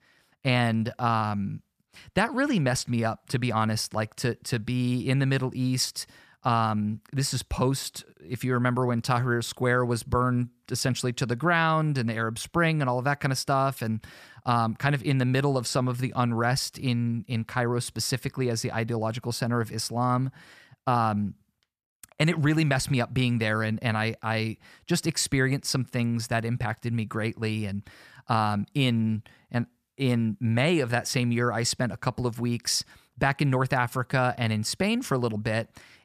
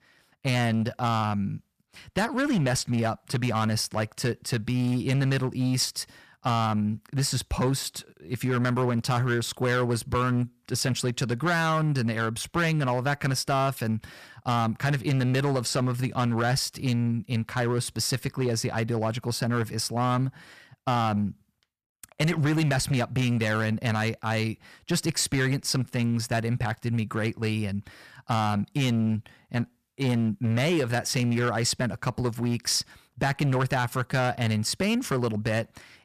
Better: first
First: none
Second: distortion; slight; 9% of the sound clipped

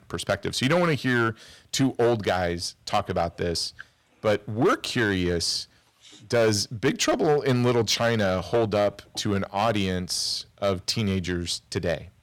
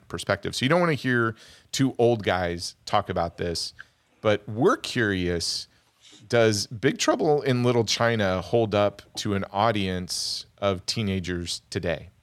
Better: second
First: distortion; slight; 5% of the sound clipped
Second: none

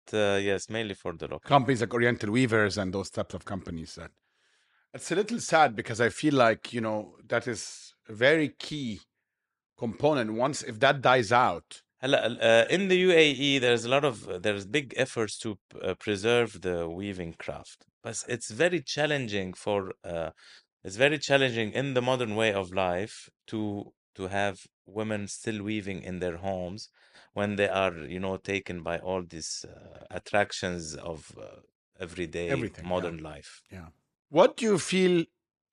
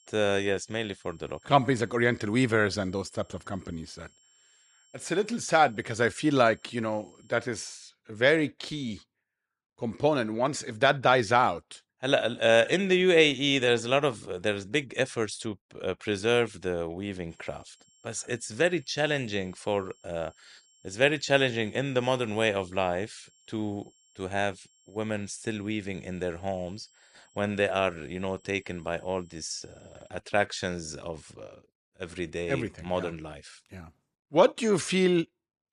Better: first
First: none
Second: high-pitched whine; faint; until 7.5 s and from 17 to 30 s; 7.5 kHz, 35 dB below the speech

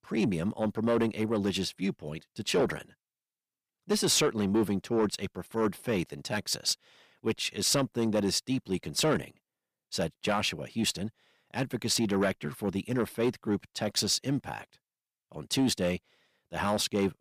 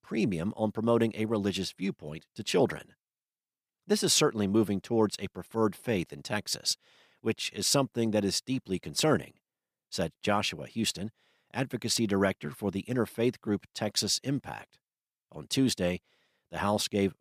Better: second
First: distortion; slight; 10 dB below the speech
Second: none

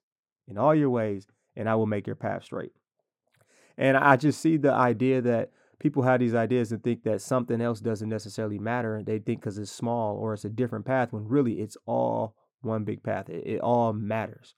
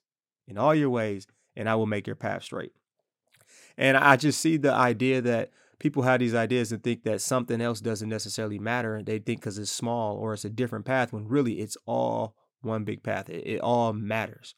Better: second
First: muffled; slightly; fading above 1.5 kHz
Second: none

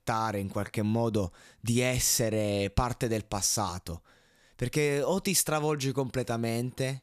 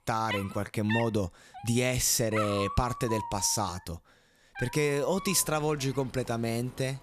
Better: first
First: none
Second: animal sounds; loud; throughout; 10 dB below the speech

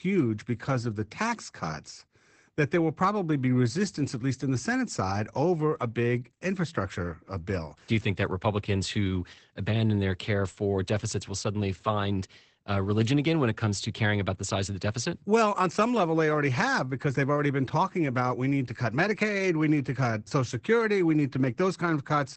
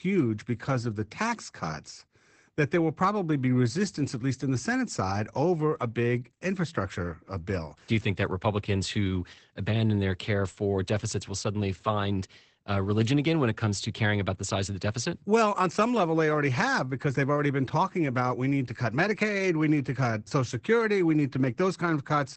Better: neither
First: garbled, watery; badly; nothing above 8 kHz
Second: garbled, watery; badly; nothing above 8 kHz

